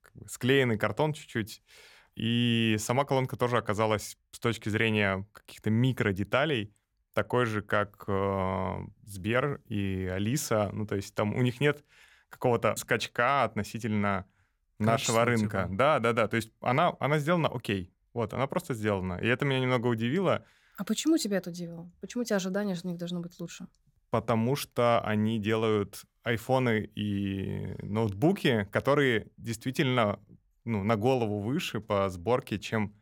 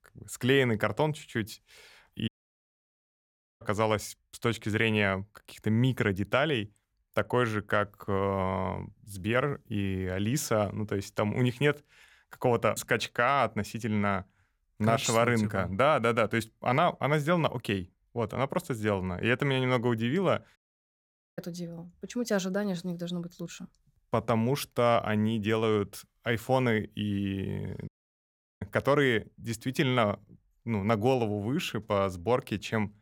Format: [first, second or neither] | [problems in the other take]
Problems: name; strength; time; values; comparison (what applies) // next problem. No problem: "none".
first | audio cutting out; at 2.5 s for 1.5 s, at 21 s for 1 s and at 28 s for 0.5 s